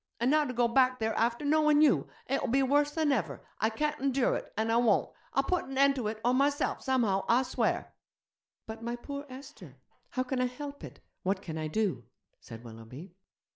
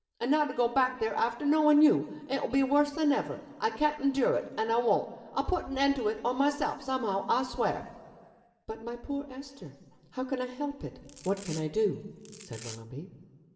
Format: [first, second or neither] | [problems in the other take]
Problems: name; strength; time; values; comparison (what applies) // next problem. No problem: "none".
first | background sound (Domestic sounds, home sounds); 19 dB below the speech // room echo; dies away in 1.6 s